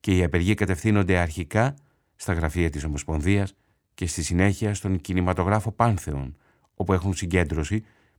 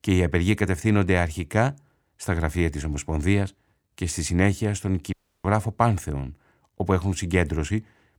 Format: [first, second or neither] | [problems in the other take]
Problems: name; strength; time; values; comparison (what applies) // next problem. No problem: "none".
first | audio cutting out; at 5 s